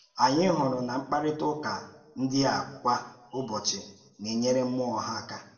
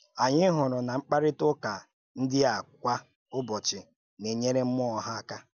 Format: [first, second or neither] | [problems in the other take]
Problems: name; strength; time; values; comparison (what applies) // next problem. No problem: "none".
second | room echo; dies away in 0.6 s